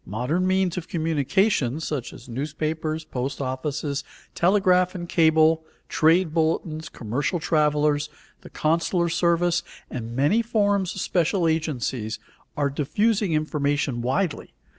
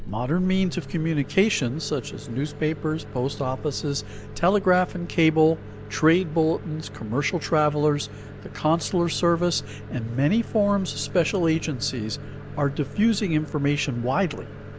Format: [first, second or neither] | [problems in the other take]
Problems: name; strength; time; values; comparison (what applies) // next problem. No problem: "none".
first | background sound (Microwave oven); 13 dB below the speech